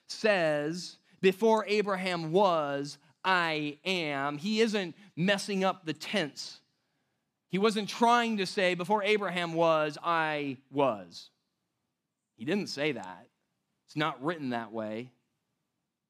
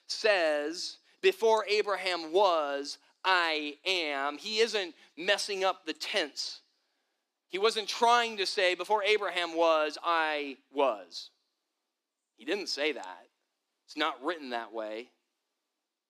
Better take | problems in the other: first | thin; somewhat; fading below 300 Hz

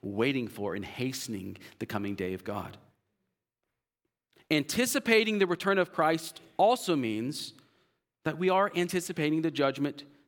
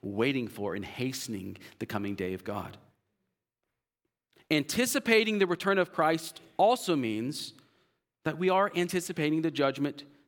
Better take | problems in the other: neither | none

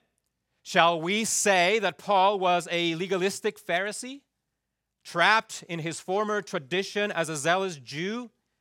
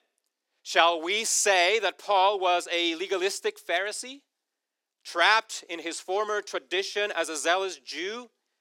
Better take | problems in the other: first | thin; very; fading below 300 Hz

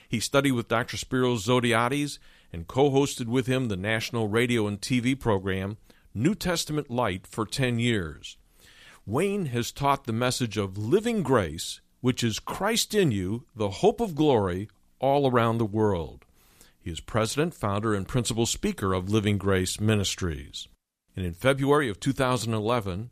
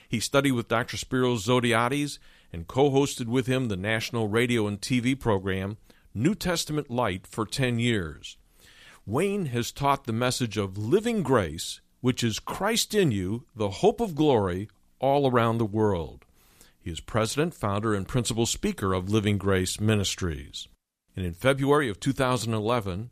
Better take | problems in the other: neither | none

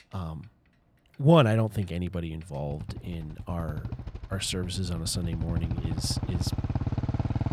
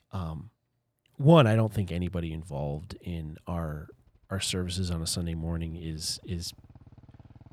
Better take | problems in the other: second | traffic noise; loud; throughout; 5 dB below the speech; faint in the second

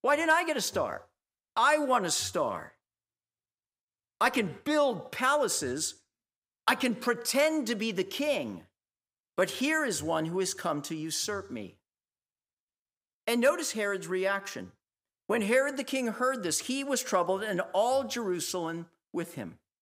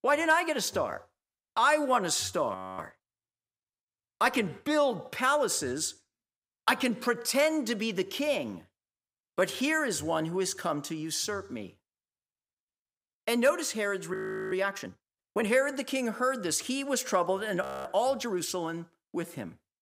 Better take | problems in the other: first | audio freezing; at 2.5 s, at 14 s and at 18 s

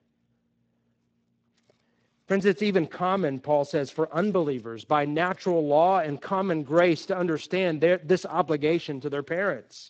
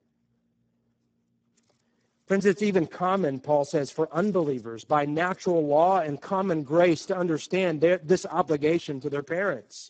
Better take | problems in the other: first | garbled, watery; badly; nothing above 7.5 kHz; slightly in the first

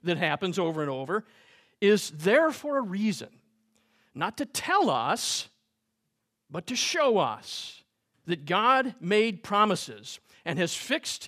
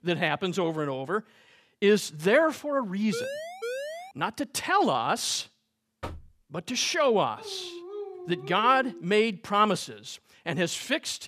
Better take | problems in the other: first | siren; noticeable; at 3 s; peak 7 dB below the speech // door banging; faint; at 6 s; peak 15 dB below the speech // dog barking; faint; from 7.5 to 9 s; peak 10 dB below the speech

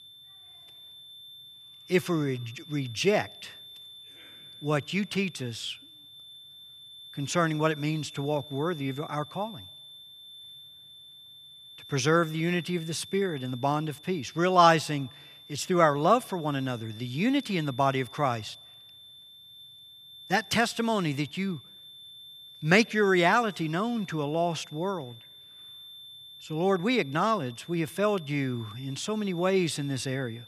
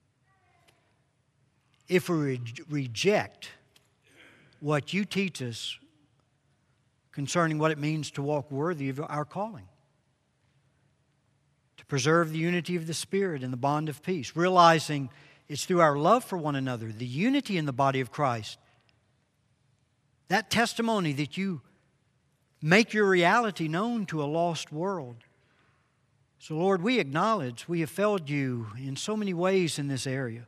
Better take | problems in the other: second | high-pitched whine; noticeable; throughout; 3.5 kHz, 20 dB below the speech

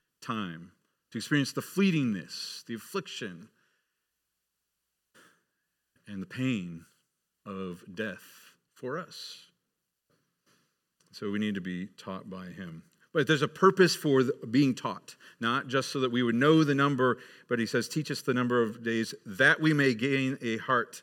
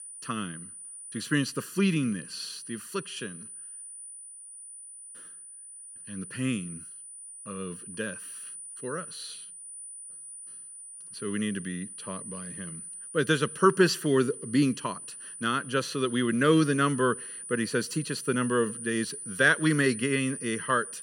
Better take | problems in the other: first | high-pitched whine; noticeable; throughout; 9.5 kHz, 10 dB below the speech

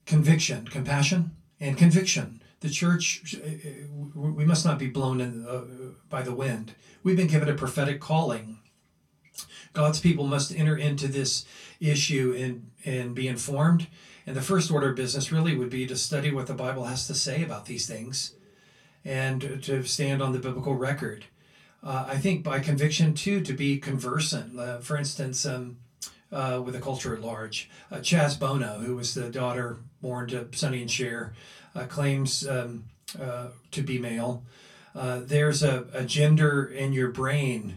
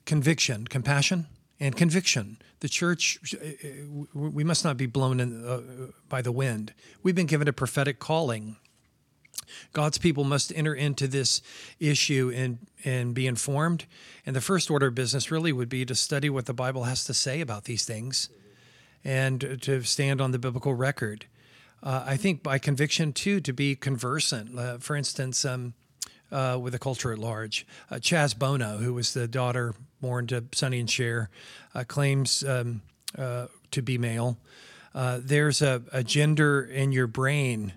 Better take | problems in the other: second | off-mic speech; far // room echo; very slight; dies away in 0.2 s

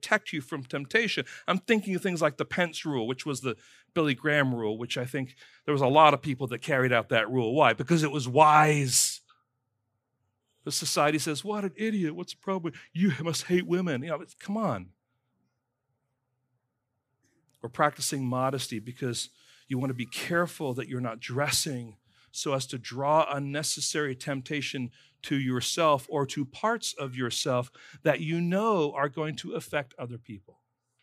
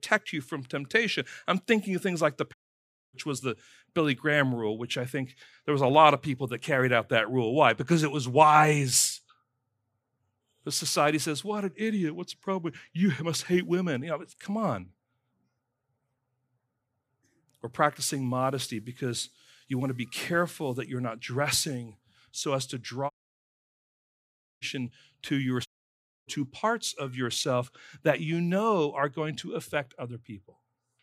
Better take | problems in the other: first | audio cutting out; at 2.5 s for 0.5 s, at 23 s for 1.5 s and at 26 s for 0.5 s

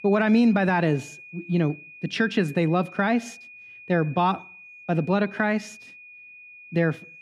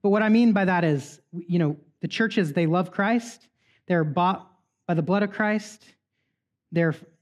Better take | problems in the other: second | high-pitched whine; noticeable; throughout; 2.5 kHz, 20 dB below the speech

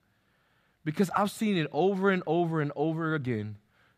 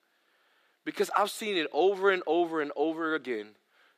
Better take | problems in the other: first | thin; somewhat; fading below 350 Hz

